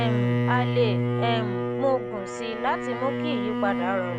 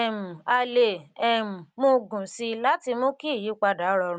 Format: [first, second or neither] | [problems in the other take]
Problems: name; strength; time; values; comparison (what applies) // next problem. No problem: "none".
second | background sound (Bowed string instrument); 2 dB above the speech